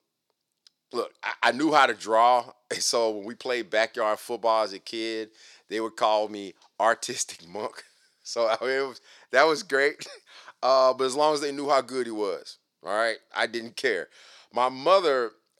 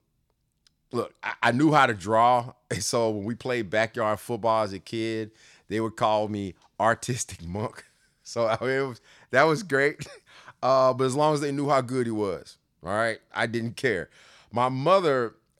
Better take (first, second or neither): second